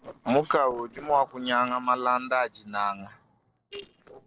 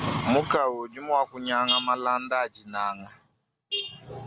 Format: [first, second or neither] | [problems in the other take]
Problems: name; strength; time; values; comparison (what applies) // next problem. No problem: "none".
second | noise reduction (neural separator model SepFormer DNS4)